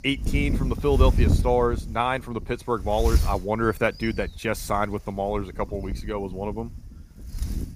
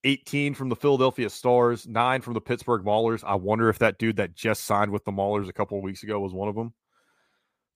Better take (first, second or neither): second